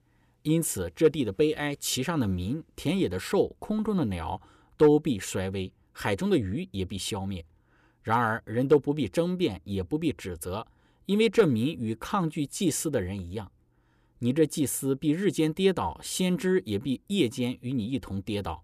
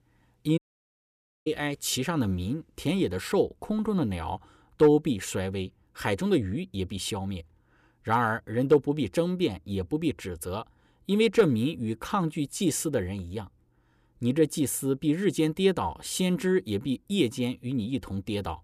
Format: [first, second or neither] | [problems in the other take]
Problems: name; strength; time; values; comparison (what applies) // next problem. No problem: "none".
first | audio cutting out; at 0.5 s for 1 s